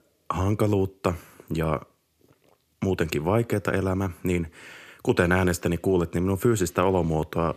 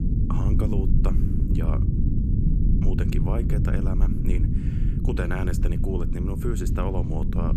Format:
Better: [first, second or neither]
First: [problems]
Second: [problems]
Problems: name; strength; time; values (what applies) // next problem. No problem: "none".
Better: first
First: none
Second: low rumble; loud; throughout; 1 dB below the speech